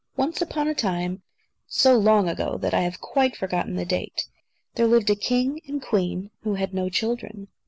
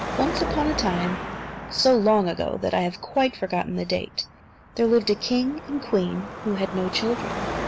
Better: first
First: none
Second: background sound (Car passing by / Traffic noise, roadway noise / Engine); 8 dB below the speech

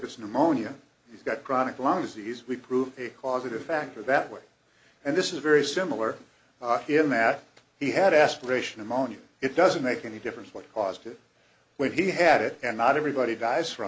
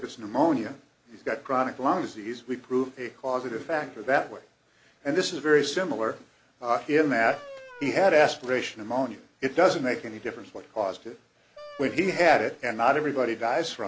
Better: first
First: none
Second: background sound (Wind instrument, woodwind instrument); 20 dB below the speech

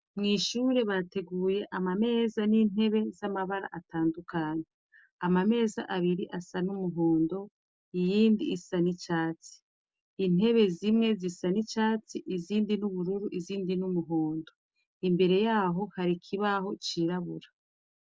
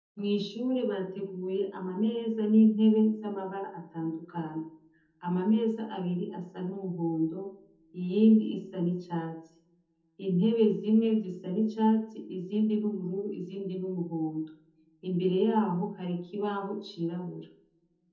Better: first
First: none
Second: room echo; dies away in 0.6 s

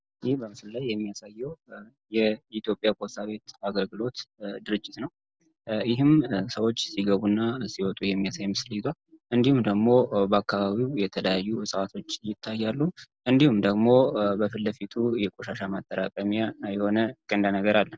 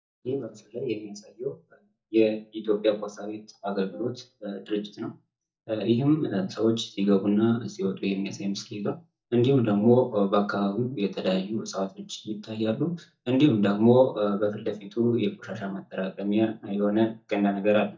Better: first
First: none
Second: noise reduction (neural mask model DeepFilterNet 3)

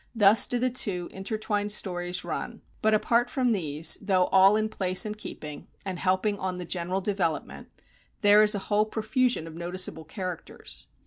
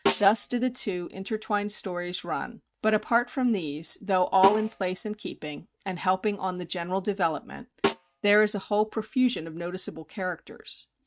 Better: first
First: none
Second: noise reduction (neural mask model RNNoise)

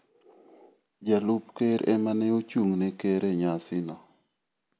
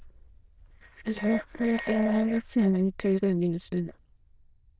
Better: first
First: none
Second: noise reduction (neural diffusion model UNIVERSE++)

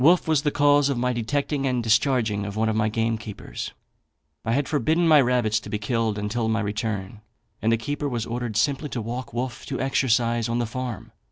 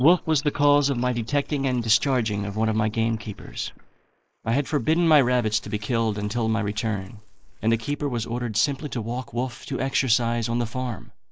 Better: first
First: none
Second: noise reduction (neural mask model Resemble Enhance denoiser)

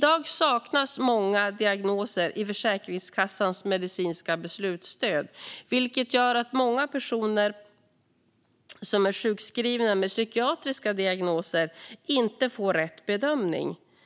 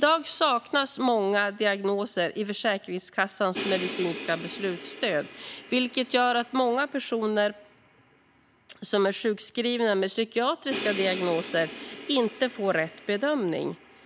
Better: first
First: none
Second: background sound (Crash cymbal); 15 dB below the speech

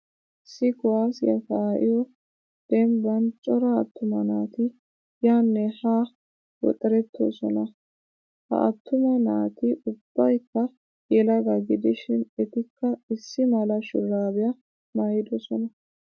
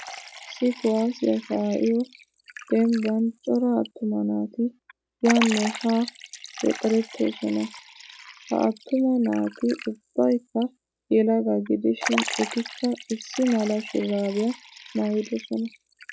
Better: first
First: none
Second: background sound (Liquid); 13 dB below the speech

